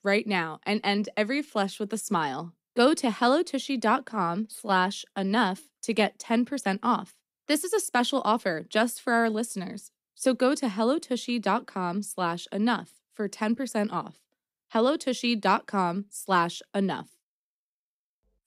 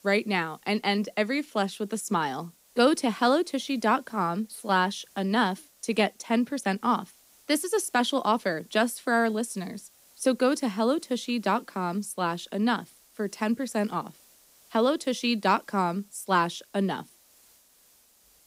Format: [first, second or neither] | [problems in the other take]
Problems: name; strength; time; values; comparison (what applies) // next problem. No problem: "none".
first | hiss; faint; throughout; 30 dB below the speech